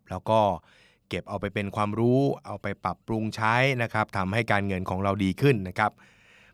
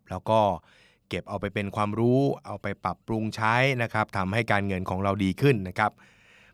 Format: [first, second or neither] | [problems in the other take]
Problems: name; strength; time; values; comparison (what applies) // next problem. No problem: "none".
neither | none